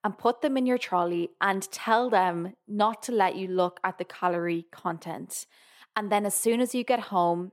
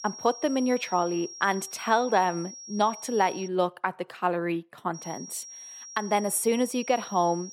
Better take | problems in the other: first | high-pitched whine; noticeable; until 3.5 s and from 5 s on; 5.5 kHz, 15 dB below the speech

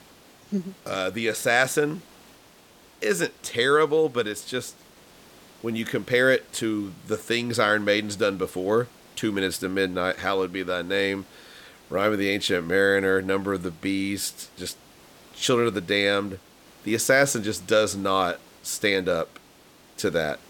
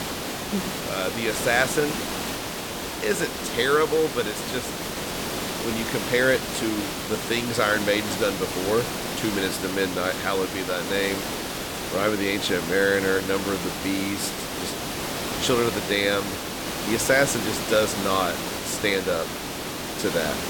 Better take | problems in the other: first | hiss; loud; throughout; 4 dB below the speech; faint in the first

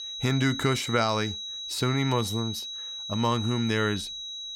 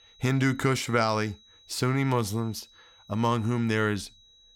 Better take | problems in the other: second | high-pitched whine; loud; throughout; 4 kHz, 6 dB below the speech; faint in the second

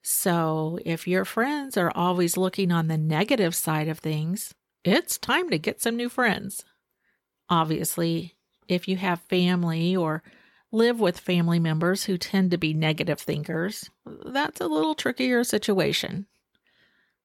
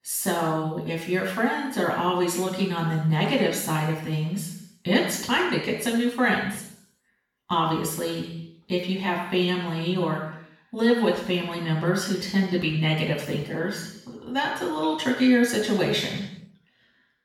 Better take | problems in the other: first | room echo; noticeable; dies away in 0.8 s // off-mic speech; far

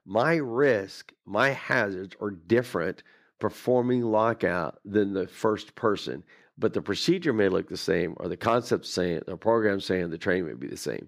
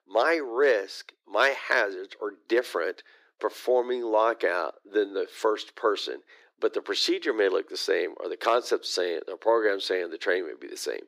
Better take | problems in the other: first | thin; very; fading below 350 Hz

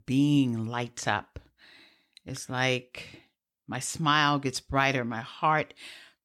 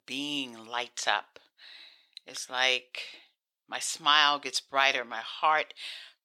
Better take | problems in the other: first | thin; very; fading below 650 Hz

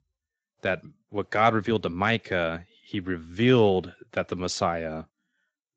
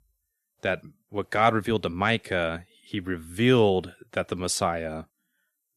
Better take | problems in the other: second | garbled, watery; slightly; nothing above 7.5 kHz

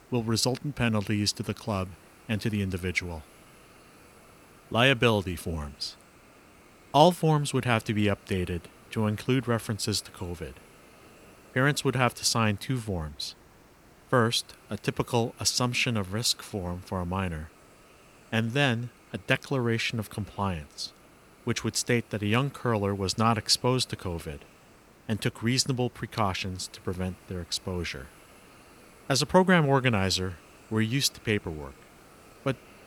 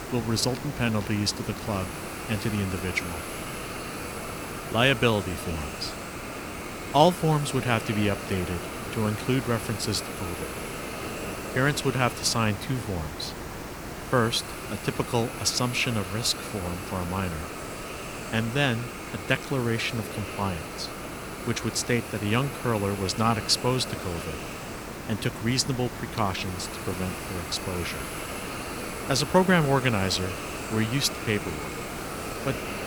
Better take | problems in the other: first | hiss; loud; throughout; 8 dB below the speech; faint in the first

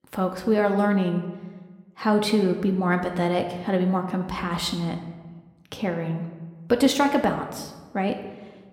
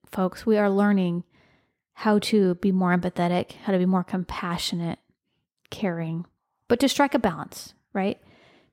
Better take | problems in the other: second | room echo; slight; dies away in 0.9 s

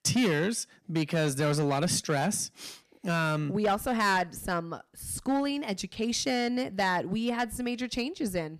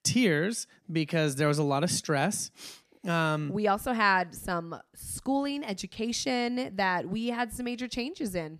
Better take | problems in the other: second | distortion; slight; 6% of the sound clipped

